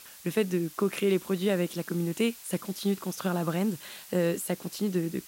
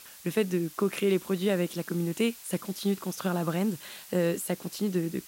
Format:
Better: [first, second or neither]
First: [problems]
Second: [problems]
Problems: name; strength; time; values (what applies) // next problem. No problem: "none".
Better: neither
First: hiss; noticeable; throughout; 15 dB below the speech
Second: hiss; noticeable; throughout; 15 dB below the speech